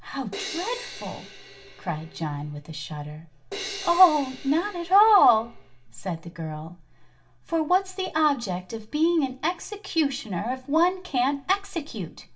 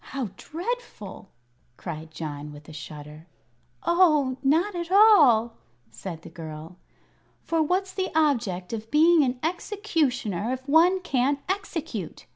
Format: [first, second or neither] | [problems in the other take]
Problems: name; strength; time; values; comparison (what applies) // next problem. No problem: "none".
second | background sound (Crash cymbal); 14 dB below the speech // room echo; dies away in 0.2 s